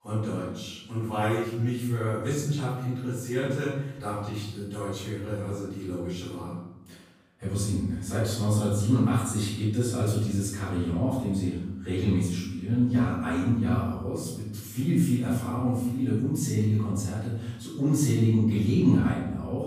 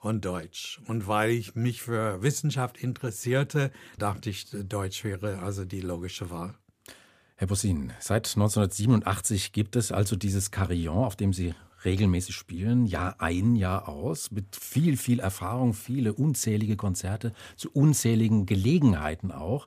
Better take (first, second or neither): second